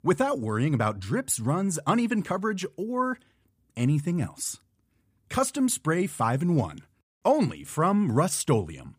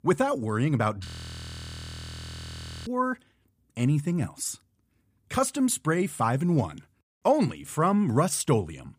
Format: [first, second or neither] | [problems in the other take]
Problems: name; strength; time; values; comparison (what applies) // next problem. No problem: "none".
first | audio freezing; at 1 s for 2 s